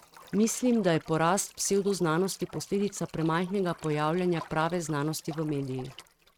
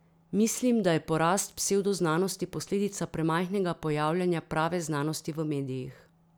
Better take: second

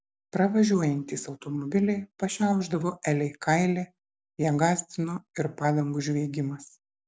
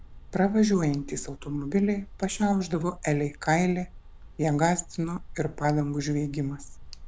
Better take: first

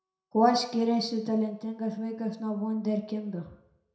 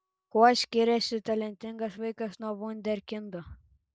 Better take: second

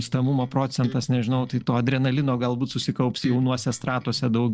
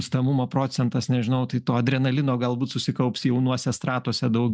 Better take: second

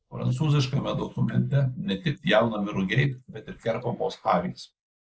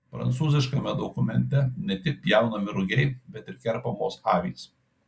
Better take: second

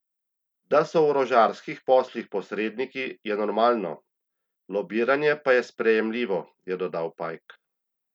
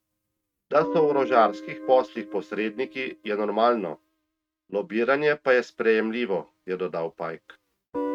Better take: first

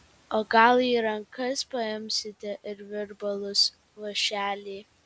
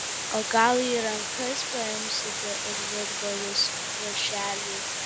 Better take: first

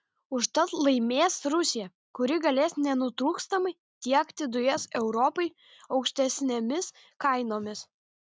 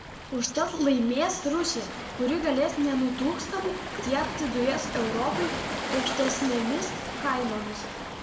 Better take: first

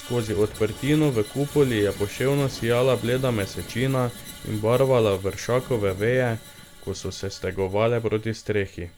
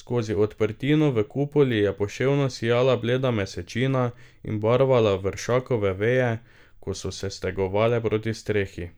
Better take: second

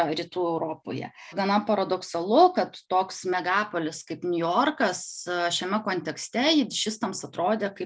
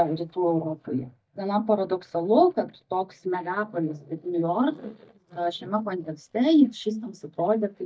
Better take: first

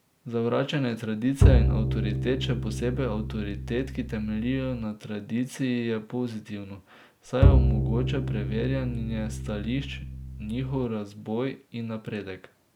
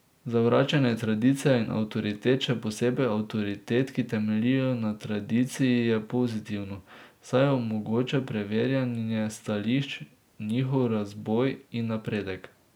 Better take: second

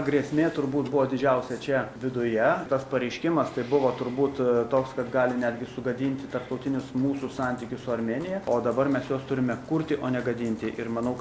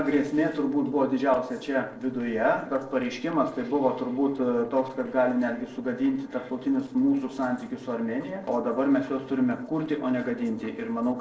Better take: first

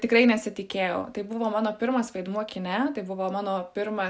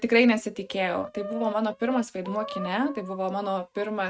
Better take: first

